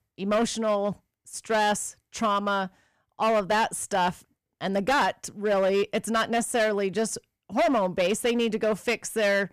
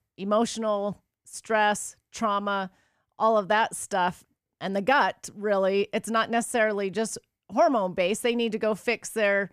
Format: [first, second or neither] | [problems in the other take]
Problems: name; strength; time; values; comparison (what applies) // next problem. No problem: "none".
second | distortion; slight; 10% of the sound clipped